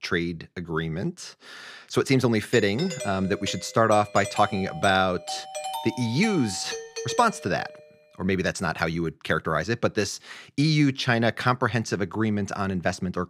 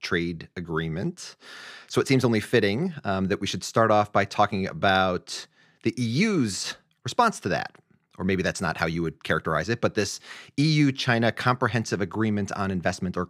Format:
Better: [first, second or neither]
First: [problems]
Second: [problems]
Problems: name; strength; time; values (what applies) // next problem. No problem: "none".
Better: second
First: doorbell; noticeable; from 2.5 to 8 s; peak 7 dB below the speech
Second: none